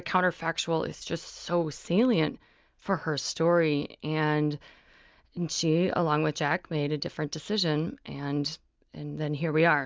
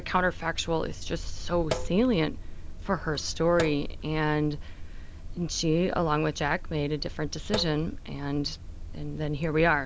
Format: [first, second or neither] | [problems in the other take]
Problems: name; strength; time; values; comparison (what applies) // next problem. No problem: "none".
first | background sound (Sink (filling or washing)); 7 dB below the speech